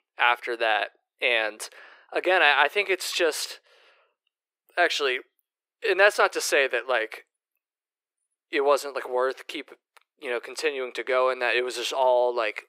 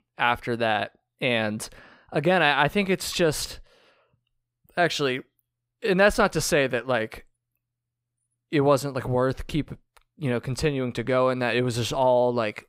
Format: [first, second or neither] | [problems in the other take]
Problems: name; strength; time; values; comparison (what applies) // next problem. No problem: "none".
second | thin; very; fading below 350 Hz